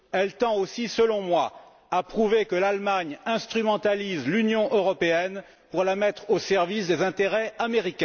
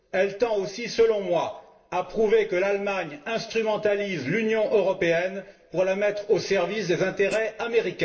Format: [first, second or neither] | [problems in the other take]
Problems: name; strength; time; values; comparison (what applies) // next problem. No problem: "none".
first | noise reduction (neural separator model SepFormer DNS4)